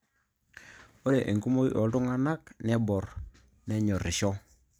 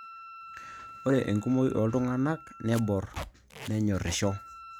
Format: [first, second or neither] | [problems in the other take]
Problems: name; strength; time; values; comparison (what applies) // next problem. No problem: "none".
first | background sound (Wind instrument, woodwind instrument + Packing tape, duct tape); 17 dB below the speech